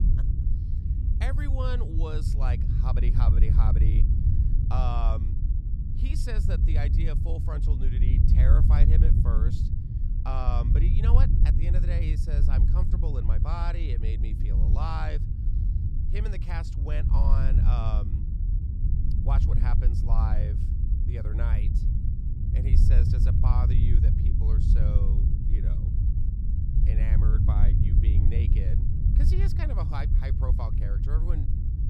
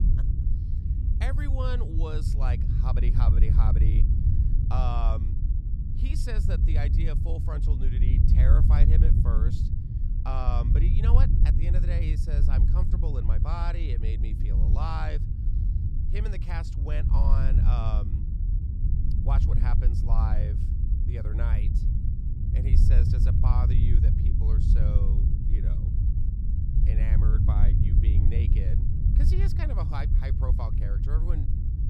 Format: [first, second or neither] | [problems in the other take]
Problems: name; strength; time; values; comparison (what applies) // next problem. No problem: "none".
neither | low rumble; loud; throughout; 2 dB below the speech; the same in both